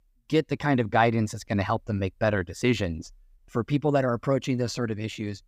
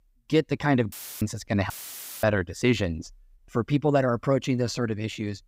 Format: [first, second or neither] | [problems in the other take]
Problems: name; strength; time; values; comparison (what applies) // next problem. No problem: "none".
first | audio cutting out; filled with static; at 1 s and at 1.5 s for 0.5 s